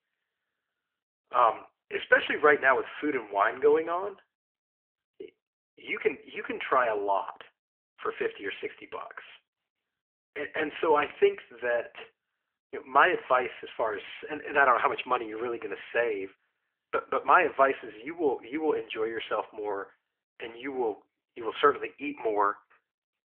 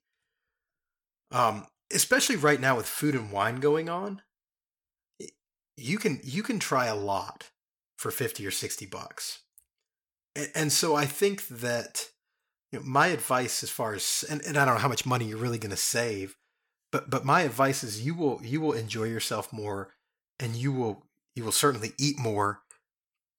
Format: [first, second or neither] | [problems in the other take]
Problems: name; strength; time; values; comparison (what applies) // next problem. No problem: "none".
second | phone-call audio